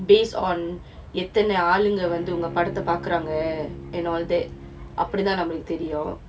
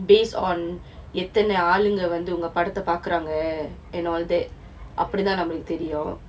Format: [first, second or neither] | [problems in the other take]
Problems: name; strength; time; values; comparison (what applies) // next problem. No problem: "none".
second | background sound (Bowed string instrument); 16 dB below the speech